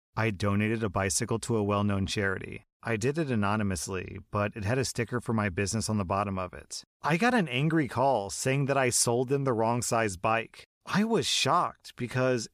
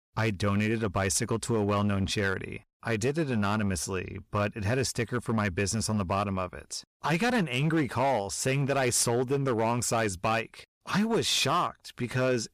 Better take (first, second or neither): first